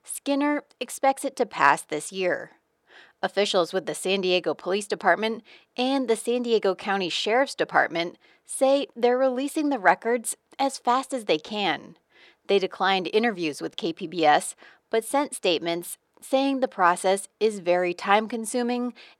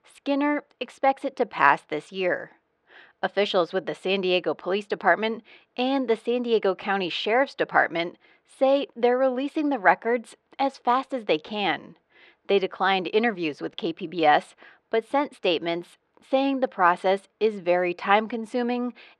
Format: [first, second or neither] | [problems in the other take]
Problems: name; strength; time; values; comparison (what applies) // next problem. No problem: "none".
first | muffled; slightly; fading above 3 kHz